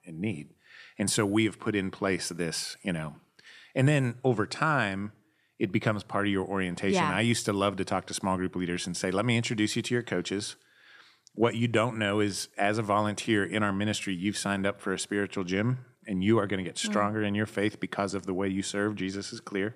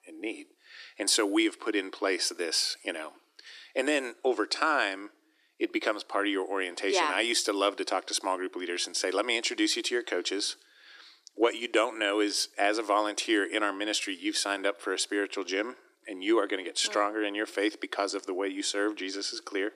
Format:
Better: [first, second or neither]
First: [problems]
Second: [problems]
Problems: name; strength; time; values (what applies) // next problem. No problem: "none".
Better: first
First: none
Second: thin; somewhat; fading below 300 Hz